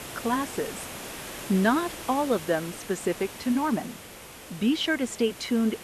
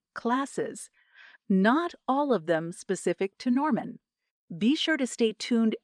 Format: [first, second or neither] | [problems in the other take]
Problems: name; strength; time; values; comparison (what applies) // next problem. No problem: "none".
second | hiss; noticeable; throughout; 10 dB below the speech